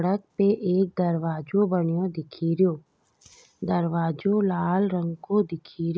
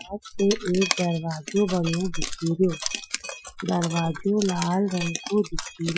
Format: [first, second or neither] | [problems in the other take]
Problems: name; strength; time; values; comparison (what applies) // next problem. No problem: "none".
first | noise reduction (classical method Wiener filter)